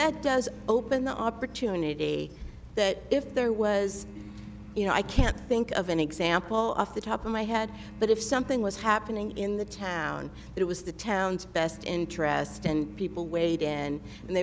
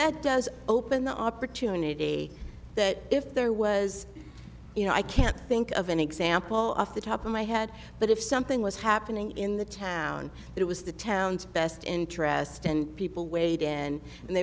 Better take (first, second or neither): second